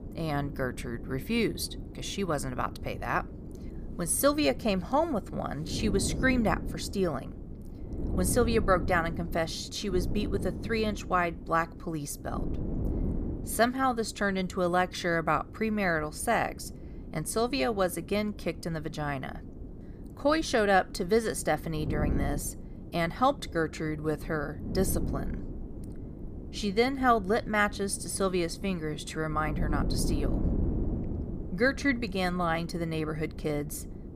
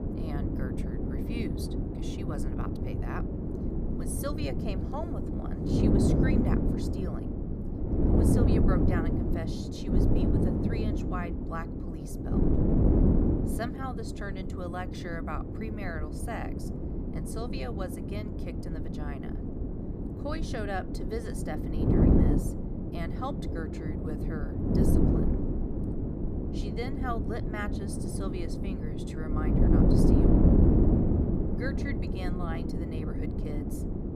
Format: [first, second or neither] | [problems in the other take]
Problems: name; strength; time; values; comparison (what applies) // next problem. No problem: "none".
first | wind noise on the microphone; heavy; 4 dB above the speech; occasional gusts in the first